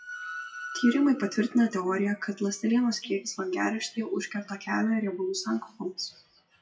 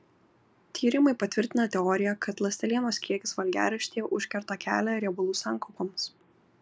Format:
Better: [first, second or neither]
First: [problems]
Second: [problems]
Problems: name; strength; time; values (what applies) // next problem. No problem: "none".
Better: second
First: noise reduction (classical method WPE with log-MMSE)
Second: none